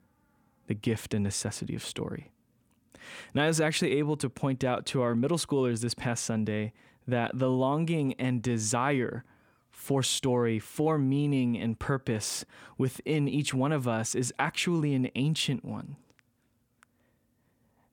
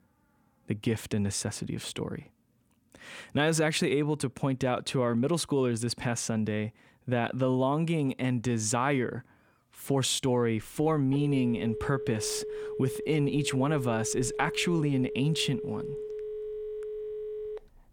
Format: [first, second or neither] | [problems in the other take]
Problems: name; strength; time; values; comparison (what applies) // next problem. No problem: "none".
first | phone ringing; noticeable; from 11 s on; peak 8 dB below the speech